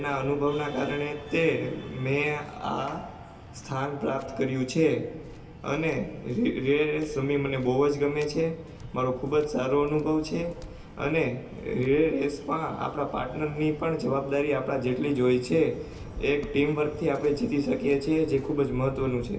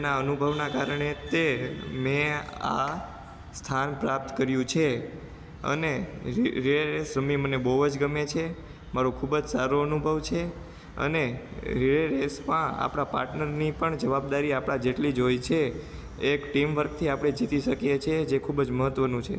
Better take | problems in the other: second | background sound (Waves, surf); 19 dB below the speech // room echo; dies away in 0.3 s

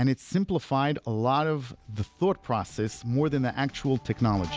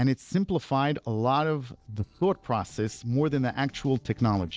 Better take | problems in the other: first | noise reduction (neural separator model SepFormer DNS4)

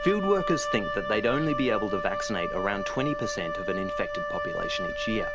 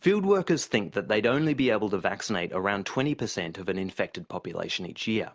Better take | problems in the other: second | background sound (Wind instrument, woodwind instrument); 2 dB below the speech

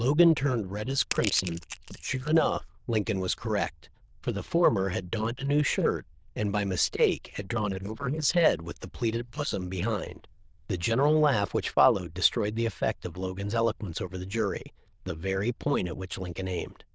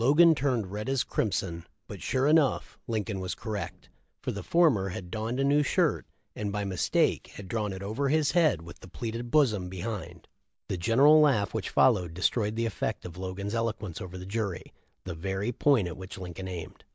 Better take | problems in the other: second | noise reduction (neural diffusion model UNIVERSE++)

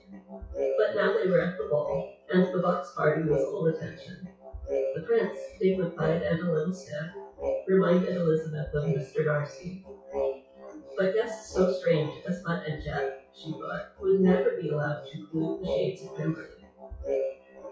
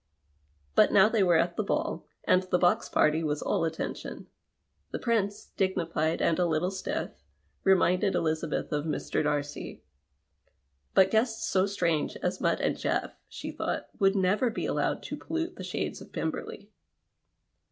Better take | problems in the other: second | noise reduction (classical method WPE with log-MMSE)

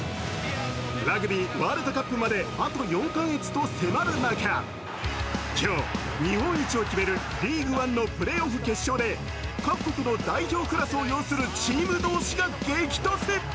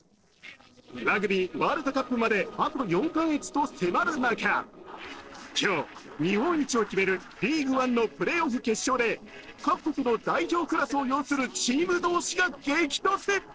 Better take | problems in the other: first | noise reduction (neural separator model SepFormer DNS4)

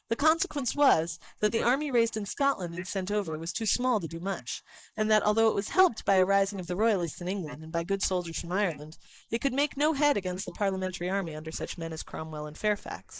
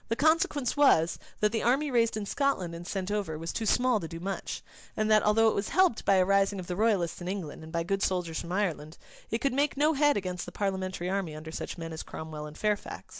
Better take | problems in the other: second | noise reduction (neural mask model Resemble Enhance denoiser)

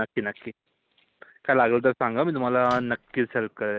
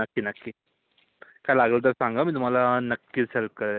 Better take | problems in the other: second | background sound (Microwave oven); 18 dB below the speech

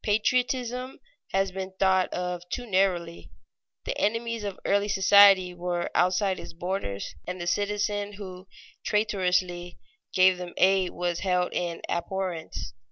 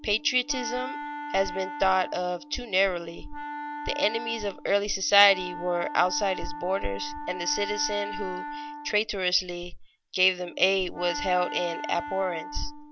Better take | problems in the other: first | background sound (Wind instrument, woodwind instrument); 10 dB below the speech

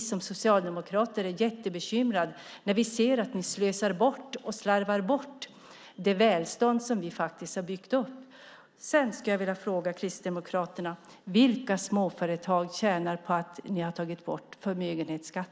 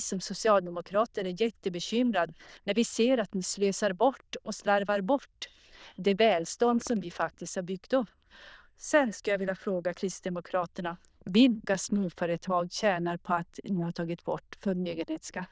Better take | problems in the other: first | noise reduction (neural diffusion model UNIVERSE++)

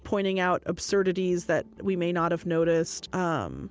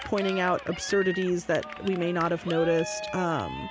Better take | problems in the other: first | background sound (Cheering); 10 dB below the speech

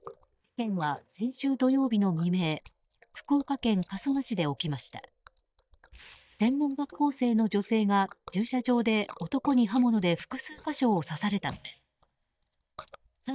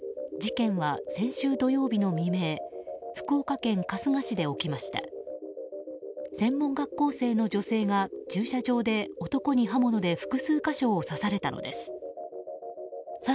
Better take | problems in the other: second | noise reduction (neural mask model DeepFilterNet 3)

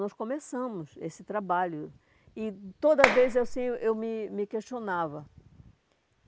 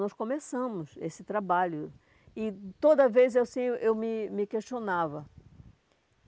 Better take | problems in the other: second | background sound (Clapping); 1 dB above the speech

